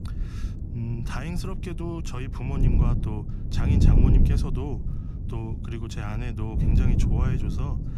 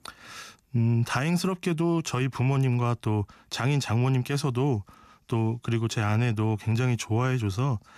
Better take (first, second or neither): second